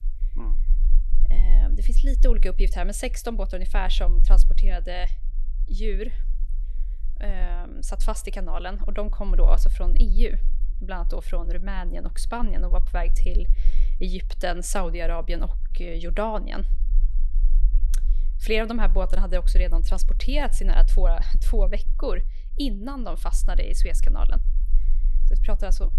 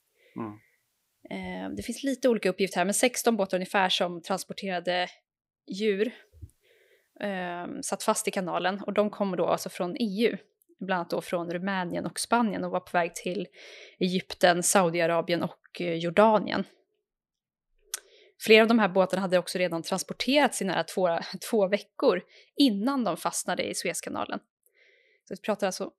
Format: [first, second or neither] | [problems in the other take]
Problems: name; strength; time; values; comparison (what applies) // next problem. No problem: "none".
second | low rumble; faint; throughout; 20 dB below the speech